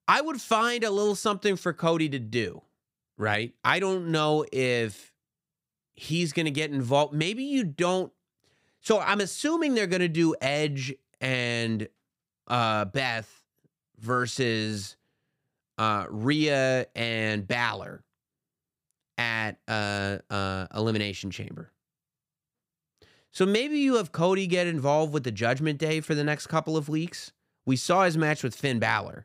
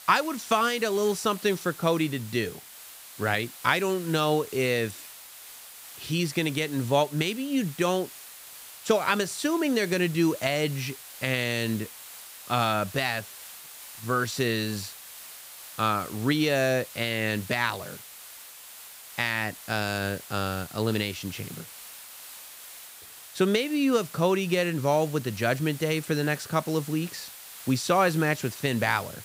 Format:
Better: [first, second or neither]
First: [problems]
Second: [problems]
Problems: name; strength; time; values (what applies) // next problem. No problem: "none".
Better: first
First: none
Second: hiss; noticeable; throughout; 15 dB below the speech